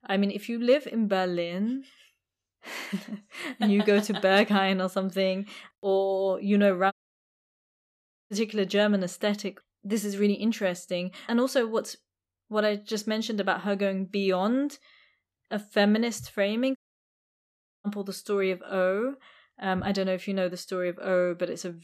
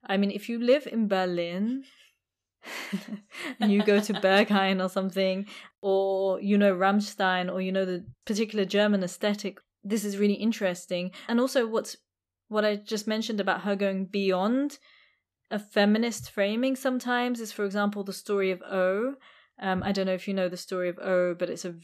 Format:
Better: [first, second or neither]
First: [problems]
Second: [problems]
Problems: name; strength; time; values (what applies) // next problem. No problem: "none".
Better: second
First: audio cutting out; at 7 s for 1.5 s and at 17 s for 1 s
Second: none